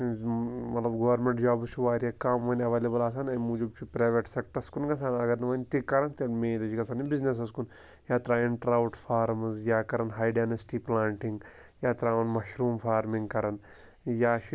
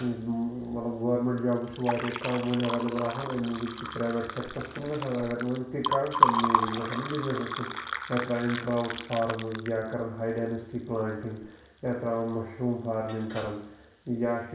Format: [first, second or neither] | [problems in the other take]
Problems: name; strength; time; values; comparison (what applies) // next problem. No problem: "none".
first | background sound (Liquid); 4 dB below the speech // room echo; dies away in 0.7 s